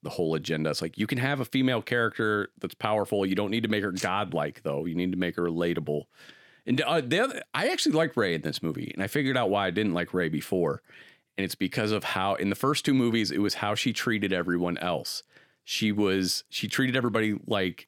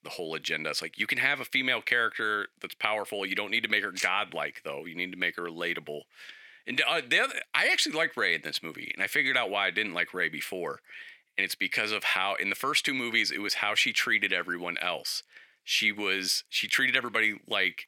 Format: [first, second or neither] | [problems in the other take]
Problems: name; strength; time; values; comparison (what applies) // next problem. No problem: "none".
first | thin; somewhat; fading below 1 kHz